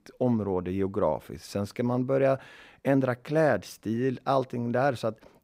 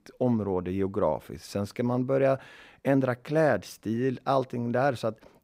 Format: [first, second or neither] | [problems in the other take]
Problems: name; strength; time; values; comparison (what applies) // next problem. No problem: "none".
neither | none